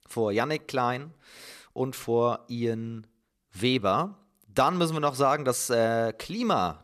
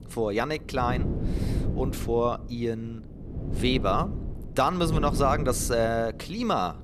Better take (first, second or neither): first